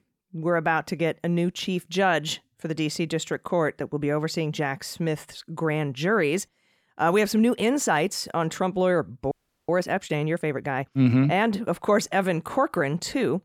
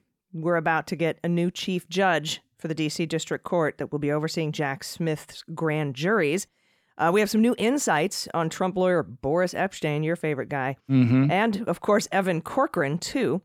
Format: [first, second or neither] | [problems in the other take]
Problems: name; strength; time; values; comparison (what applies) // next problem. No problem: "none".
second | audio freezing; at 9.5 s